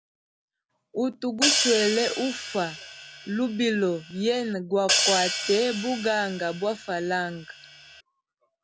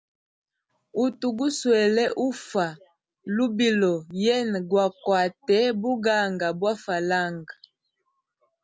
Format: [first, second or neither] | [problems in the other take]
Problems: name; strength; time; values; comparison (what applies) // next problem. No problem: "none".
second | background sound (Hi-hat); 2 dB below the speech